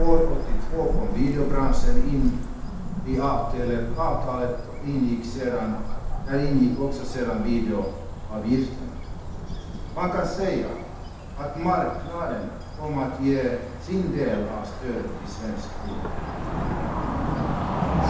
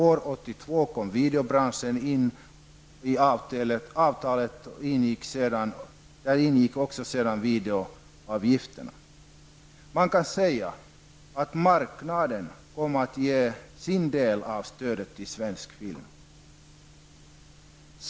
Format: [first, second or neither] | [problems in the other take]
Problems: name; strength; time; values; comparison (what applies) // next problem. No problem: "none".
second | background sound (Cricket / Motor vehicle (road)); 2 dB above the speech // room echo; dies away in 0.8 s